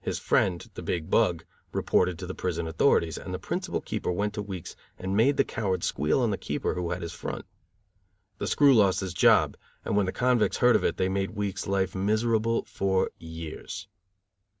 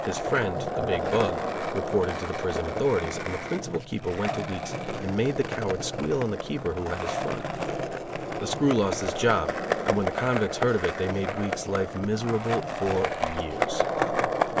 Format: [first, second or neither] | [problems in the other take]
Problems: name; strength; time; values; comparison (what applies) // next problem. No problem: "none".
first | background sound (Skateboard); 1 dB below the speech